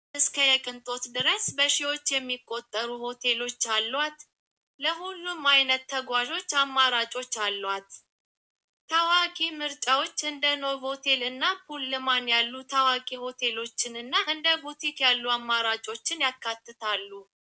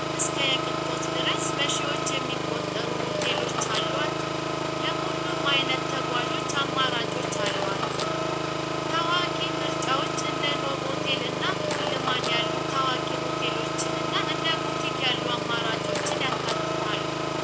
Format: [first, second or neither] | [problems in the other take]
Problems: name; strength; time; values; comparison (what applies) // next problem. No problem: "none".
first | background sound (Engine); 3 dB above the speech